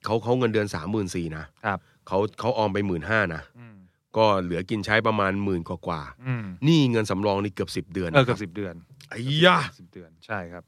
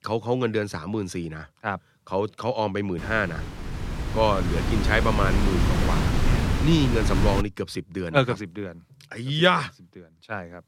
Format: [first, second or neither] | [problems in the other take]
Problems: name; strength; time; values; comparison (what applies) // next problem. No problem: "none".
first | wind noise on the microphone; heavy; from 3 to 7.5 s; 5 dB below the speech